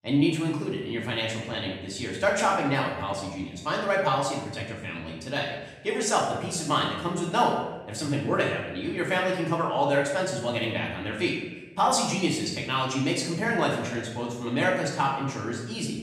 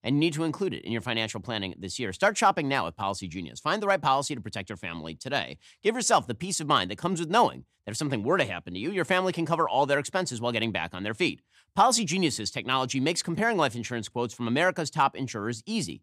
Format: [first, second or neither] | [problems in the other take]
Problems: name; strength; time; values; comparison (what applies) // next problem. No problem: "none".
second | room echo; noticeable; dies away in 0.9 s // off-mic speech; far